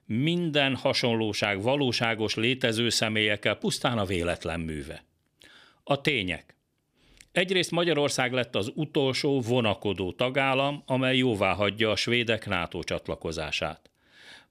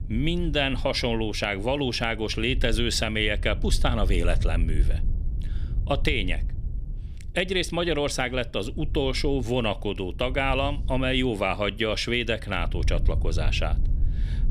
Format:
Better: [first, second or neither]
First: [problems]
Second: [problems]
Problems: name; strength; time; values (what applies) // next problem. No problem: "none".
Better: first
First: none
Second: low rumble; faint; throughout; 20 dB below the speech